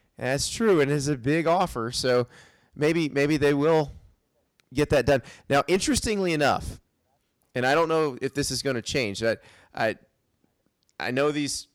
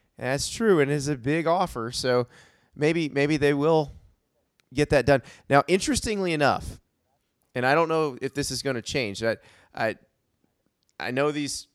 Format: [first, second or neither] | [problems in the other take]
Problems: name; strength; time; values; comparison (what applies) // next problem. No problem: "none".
second | distortion; slight; 3% of the sound clipped